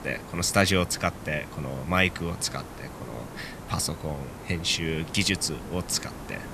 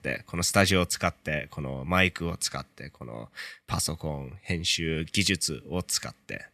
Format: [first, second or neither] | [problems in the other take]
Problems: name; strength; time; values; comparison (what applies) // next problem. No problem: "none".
second | hiss; noticeable; throughout; 15 dB below the speech